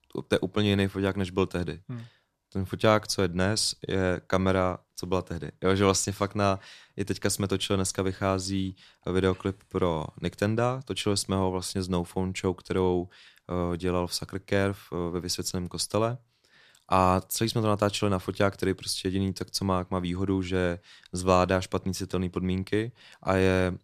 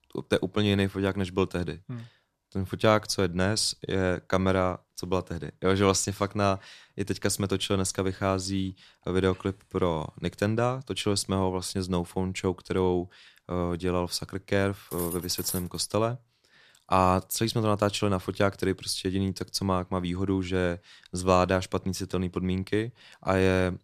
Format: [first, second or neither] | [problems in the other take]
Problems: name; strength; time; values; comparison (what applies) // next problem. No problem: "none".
first | clattering dishes; noticeable; at 15 s; peak 6 dB below the speech